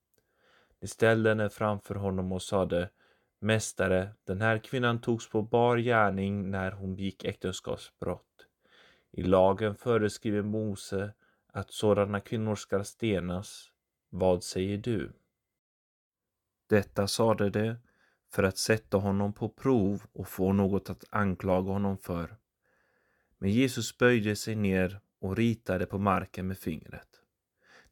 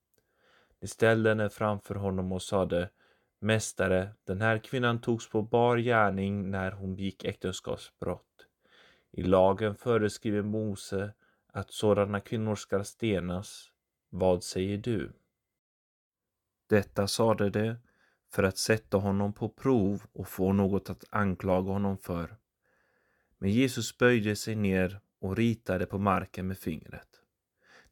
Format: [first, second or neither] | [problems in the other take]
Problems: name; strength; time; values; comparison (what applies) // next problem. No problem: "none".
neither | none